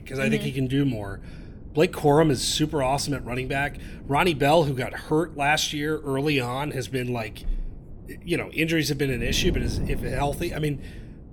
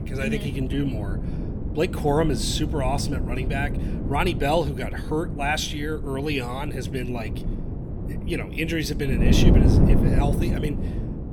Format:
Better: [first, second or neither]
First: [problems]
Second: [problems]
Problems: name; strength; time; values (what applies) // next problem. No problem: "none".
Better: first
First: wind noise on the microphone; occasional gusts; 20 dB below the speech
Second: wind noise on the microphone; heavy; 6 dB below the speech